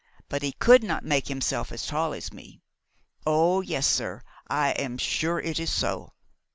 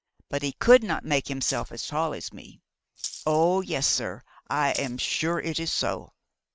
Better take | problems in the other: first | noise reduction (neural mask model RNNoise)

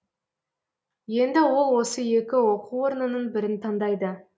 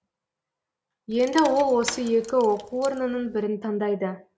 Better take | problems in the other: first | background sound (Rattle / Keys jangling); 15 dB below the speech

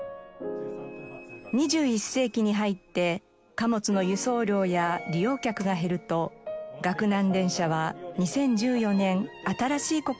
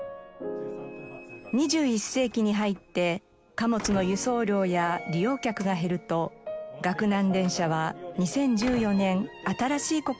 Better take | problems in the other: first | background sound (Slam); 19 dB below the speech

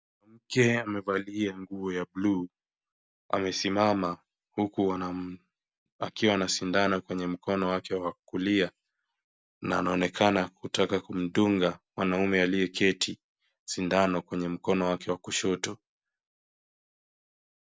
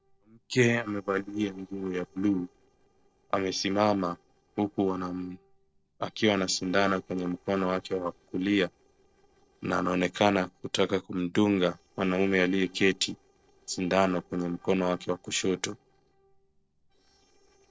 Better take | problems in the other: first | noise reduction (neural separator model SepFormer DNS4)

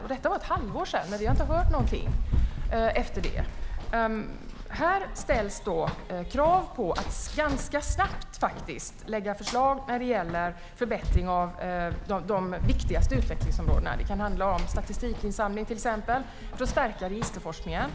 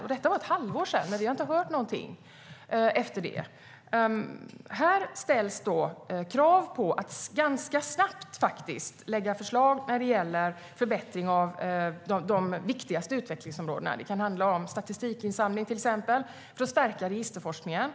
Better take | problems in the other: second | background sound (Run); as loud as the speech

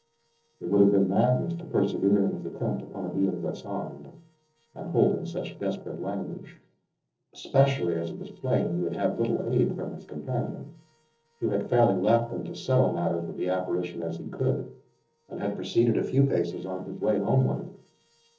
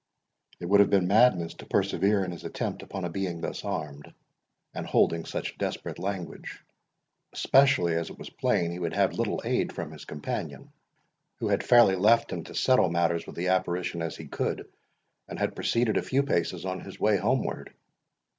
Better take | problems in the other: second | noise reduction (neural separator model SepFormer DNS4)

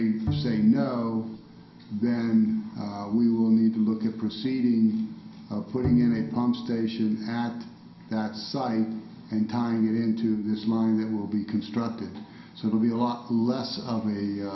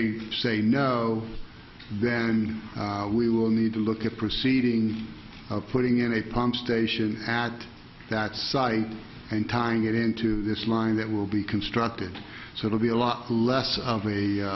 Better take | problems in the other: second | background sound (Bowed string instrument); 10 dB below the speech // room echo; dies away in 0.5 s

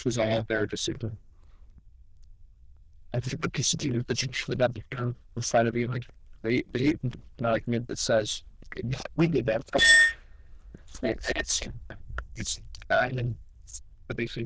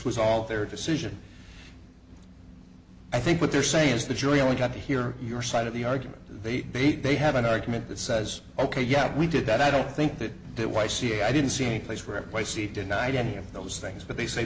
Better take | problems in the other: second | noise reduction (neural diffusion model UNIVERSE++)

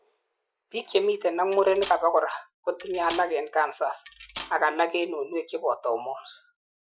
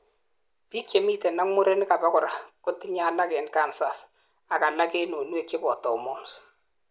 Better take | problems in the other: second | noise reduction (classical method Wiener filter)

